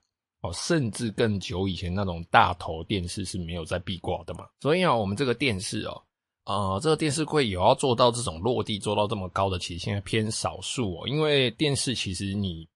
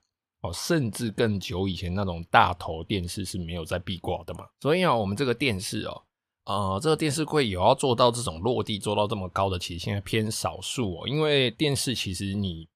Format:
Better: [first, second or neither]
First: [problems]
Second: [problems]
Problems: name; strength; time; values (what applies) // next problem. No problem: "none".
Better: second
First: garbled, watery; slightly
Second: none